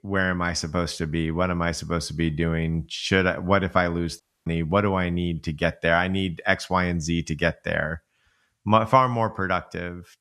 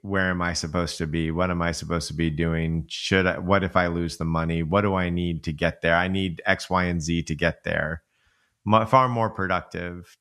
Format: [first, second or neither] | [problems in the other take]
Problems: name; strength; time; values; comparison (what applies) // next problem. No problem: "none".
second | audio cutting out; at 4 s